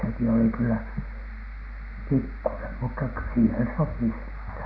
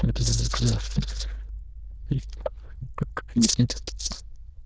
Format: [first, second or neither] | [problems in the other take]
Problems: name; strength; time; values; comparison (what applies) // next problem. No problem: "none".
first | noise reduction (neural diffusion model UNIVERSE++)